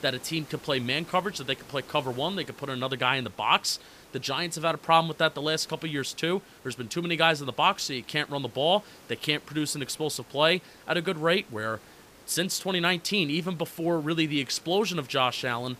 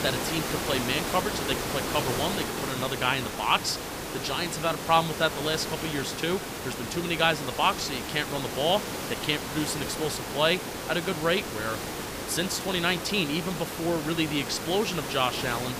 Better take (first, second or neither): first